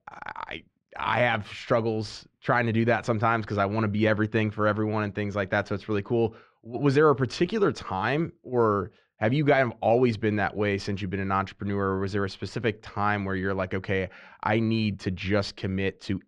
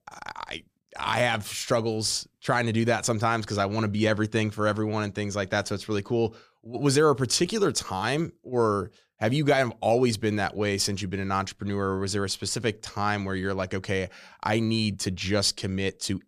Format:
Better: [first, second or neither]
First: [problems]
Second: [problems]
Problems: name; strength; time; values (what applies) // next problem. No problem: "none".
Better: second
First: muffled; slightly; fading above 2 kHz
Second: none